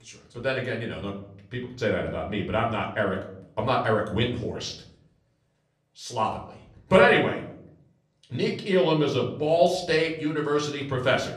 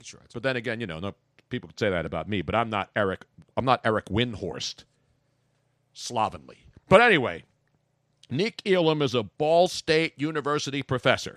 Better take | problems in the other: second | room echo; slight; dies away in 0.6 s // off-mic speech; far

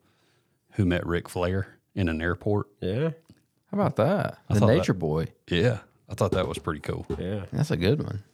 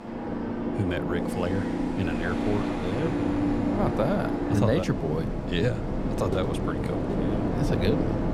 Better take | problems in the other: first | train or aircraft noise; very loud; throughout; 1 dB above the speech

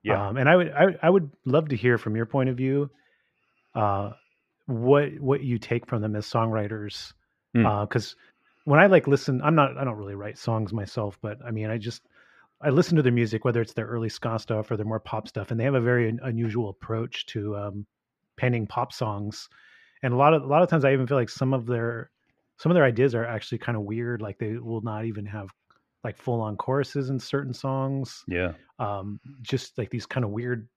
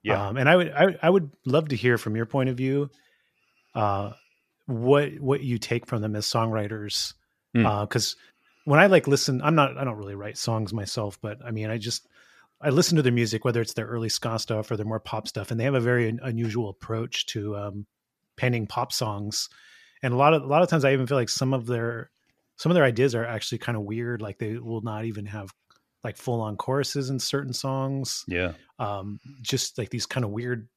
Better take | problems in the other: second | muffled; slightly; fading above 4 kHz

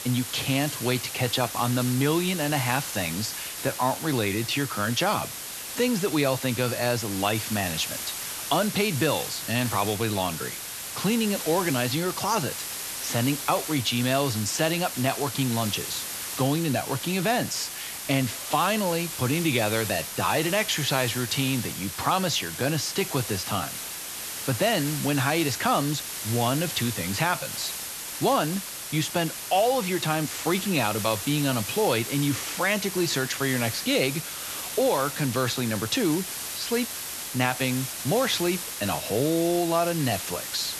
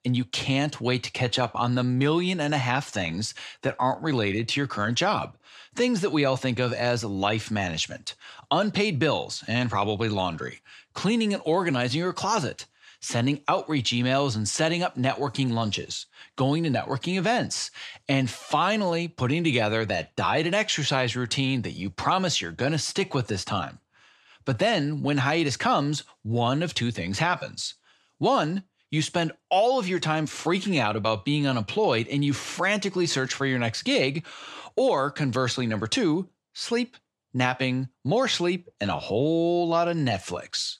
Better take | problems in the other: second | hiss; loud; throughout; 6 dB below the speech

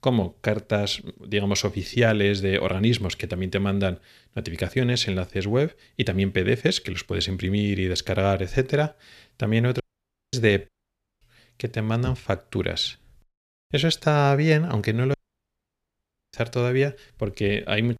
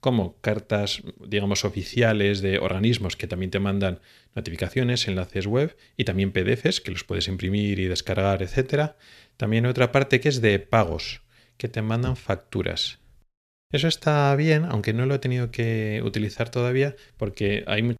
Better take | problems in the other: second | audio cutting out; at 10 s for 0.5 s, at 11 s for 0.5 s and at 15 s for 1 s

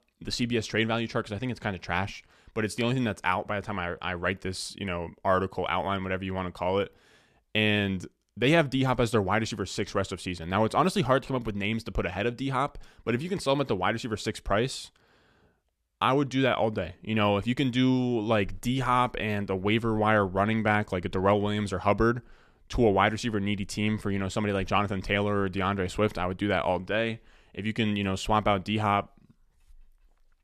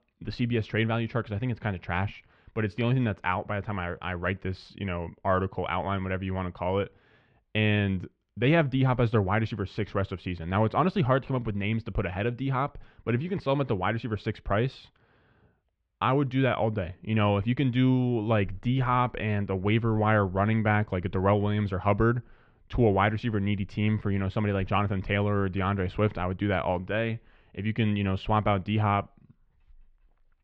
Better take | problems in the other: first | muffled; slightly; fading above 3 kHz

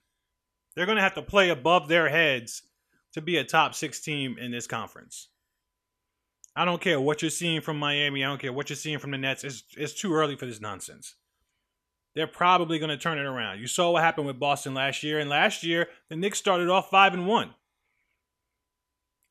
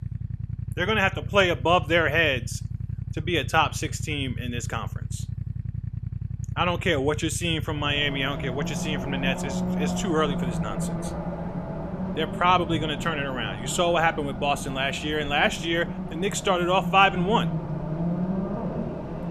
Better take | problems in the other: first | traffic noise; loud; throughout; 7 dB below the speech

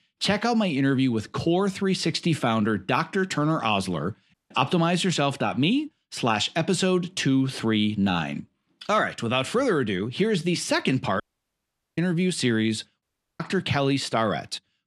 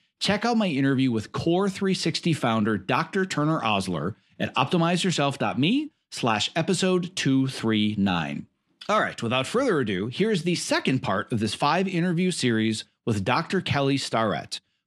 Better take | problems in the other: second | audio cutting out; at 4.5 s, at 11 s for 1 s and at 13 s

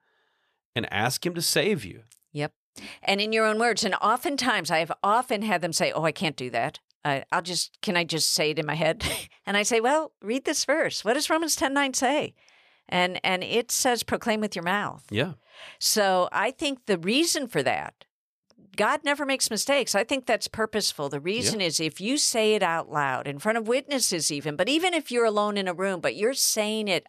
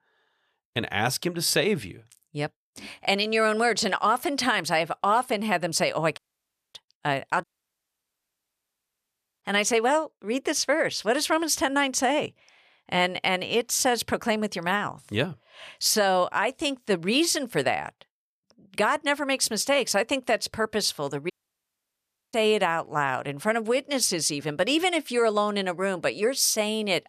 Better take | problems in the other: first | audio cutting out; at 6 s for 0.5 s, at 7.5 s for 2 s and at 21 s for 1 s

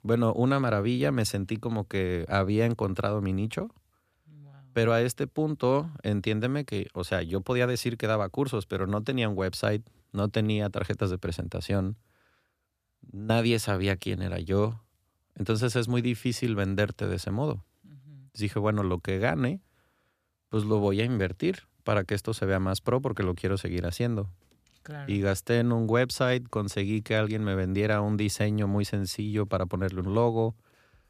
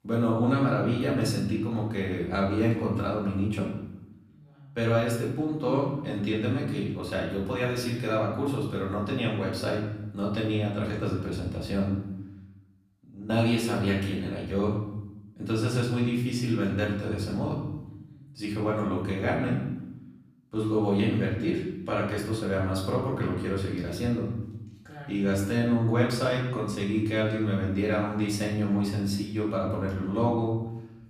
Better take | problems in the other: first | off-mic speech; far // room echo; noticeable; dies away in 0.9 s

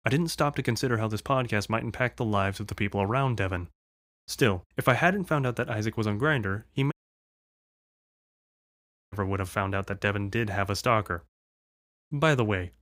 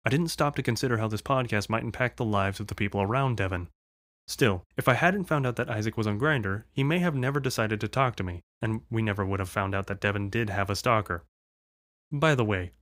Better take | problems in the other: second | audio cutting out; at 7 s for 2 s

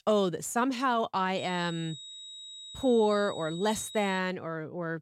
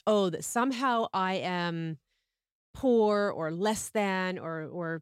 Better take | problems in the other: second | high-pitched whine; noticeable; from 1.5 to 4 s; 4 kHz, 15 dB below the speech

